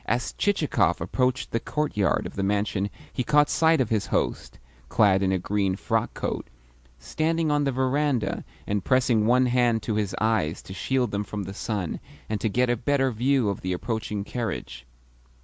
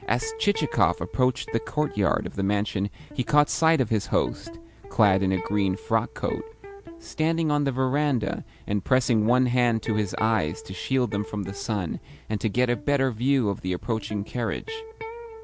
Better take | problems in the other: first | background sound (Electric guitar); 16 dB below the speech

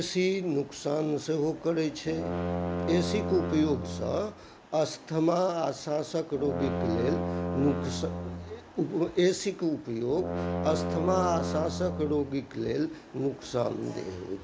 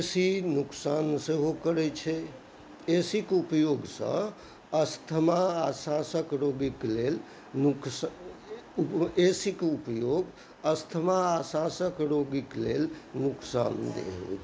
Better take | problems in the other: second | background sound (Brass instrument); 4 dB below the speech

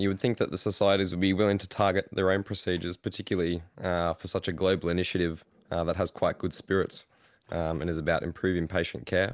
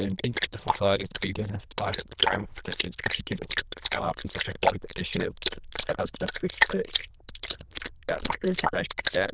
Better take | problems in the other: first | noise reduction (neural diffusion model UNIVERSE++)

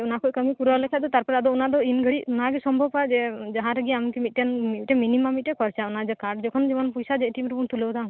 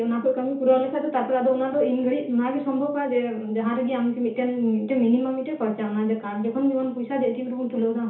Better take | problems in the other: first | room echo; dies away in 0.7 s

